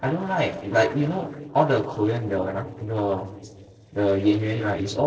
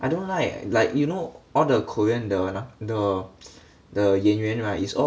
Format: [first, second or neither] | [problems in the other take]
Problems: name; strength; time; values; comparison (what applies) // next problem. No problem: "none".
second | noise reduction (neural separator model SepFormer DNS4)